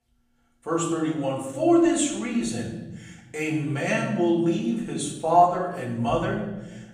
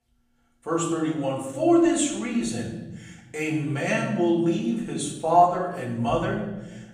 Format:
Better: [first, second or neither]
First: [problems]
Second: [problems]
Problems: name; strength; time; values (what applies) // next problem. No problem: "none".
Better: neither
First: off-mic speech; far // room echo; noticeable; dies away in 1 s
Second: off-mic speech; far // room echo; noticeable; dies away in 1 s